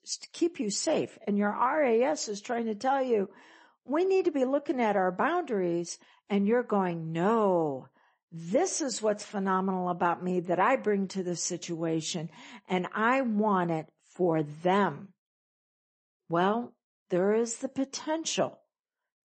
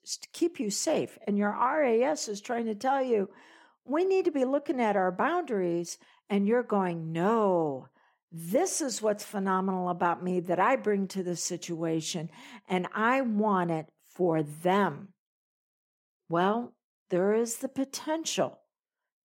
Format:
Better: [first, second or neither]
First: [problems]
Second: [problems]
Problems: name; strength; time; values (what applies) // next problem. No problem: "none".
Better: second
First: garbled, watery; slightly; nothing above 8 kHz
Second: none